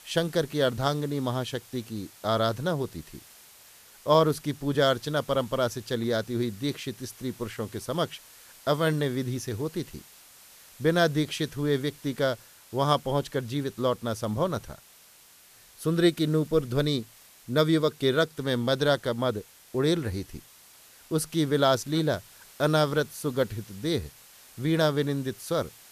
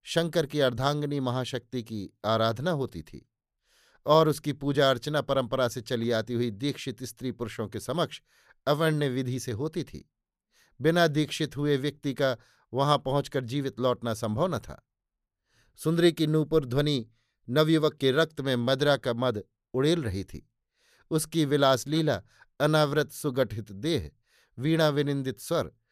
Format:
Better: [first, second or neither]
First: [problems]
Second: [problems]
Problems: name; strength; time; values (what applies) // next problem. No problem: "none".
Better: second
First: hiss; faint; throughout; 20 dB below the speech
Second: none